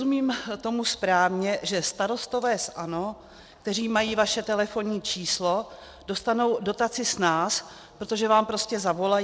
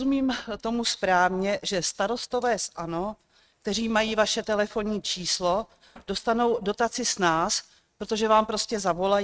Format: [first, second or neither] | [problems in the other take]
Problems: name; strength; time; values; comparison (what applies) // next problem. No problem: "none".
first | noise reduction (neural mask model RNNoise)